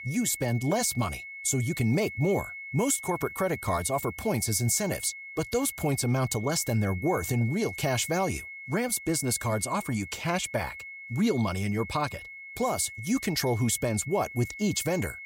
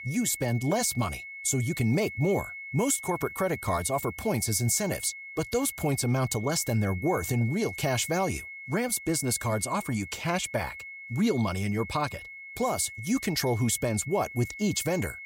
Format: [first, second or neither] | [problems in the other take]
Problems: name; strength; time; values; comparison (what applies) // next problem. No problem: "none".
neither | high-pitched whine; noticeable; throughout; 2 kHz, 10 dB below the speech; the same in both